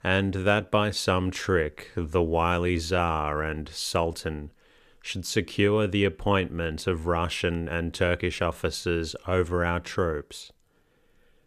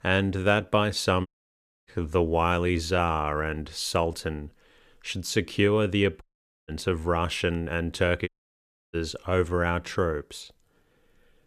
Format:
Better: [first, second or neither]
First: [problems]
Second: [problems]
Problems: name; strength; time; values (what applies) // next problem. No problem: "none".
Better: first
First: none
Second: audio cutting out; at 1.5 s for 0.5 s, at 6 s and at 8.5 s for 0.5 s